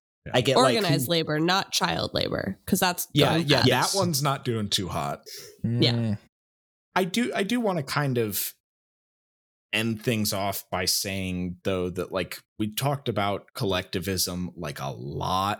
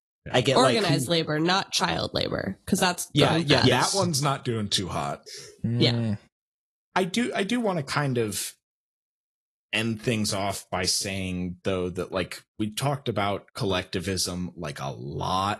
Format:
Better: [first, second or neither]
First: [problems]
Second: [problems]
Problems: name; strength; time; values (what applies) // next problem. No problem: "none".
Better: first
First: none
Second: garbled, watery; slightly; nothing above 12 kHz